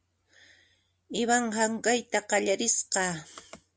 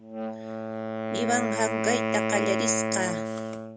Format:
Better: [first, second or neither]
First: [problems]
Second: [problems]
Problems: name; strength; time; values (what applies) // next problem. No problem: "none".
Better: first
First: none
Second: background sound (Wind instrument, woodwind instrument); 1 dB above the speech